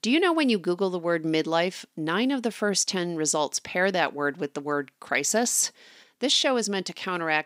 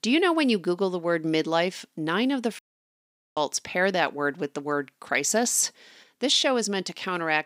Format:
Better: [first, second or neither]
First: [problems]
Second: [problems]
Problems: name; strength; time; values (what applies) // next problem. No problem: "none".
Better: first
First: none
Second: audio cutting out; at 2.5 s for 1 s